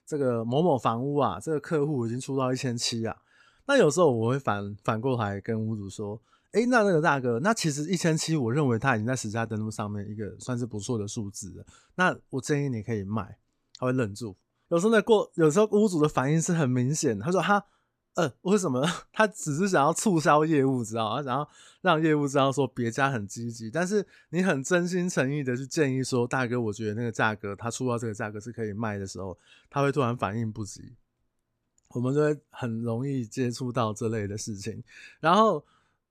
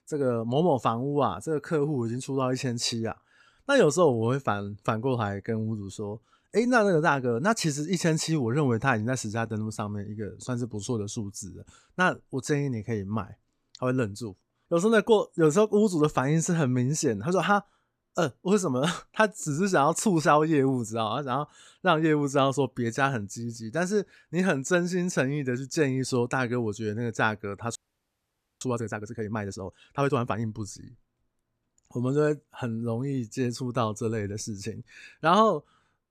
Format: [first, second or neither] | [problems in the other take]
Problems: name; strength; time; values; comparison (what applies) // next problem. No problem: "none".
first | audio freezing; at 28 s for 1 s